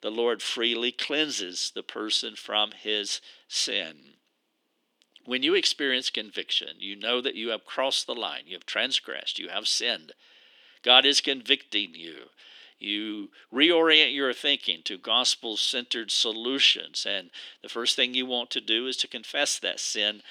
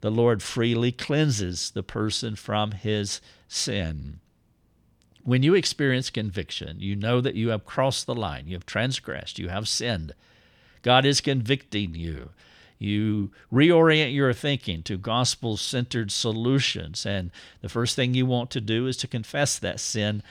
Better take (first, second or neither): second